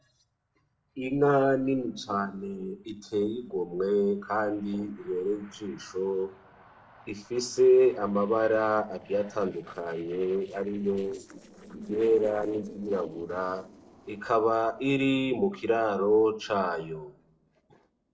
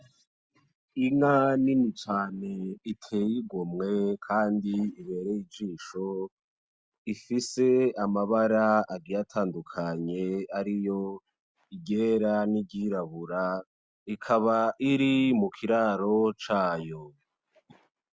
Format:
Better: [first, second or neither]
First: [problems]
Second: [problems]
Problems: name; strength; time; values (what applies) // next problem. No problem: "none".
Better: second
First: noise reduction (neural separator model SepFormer DNS4)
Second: none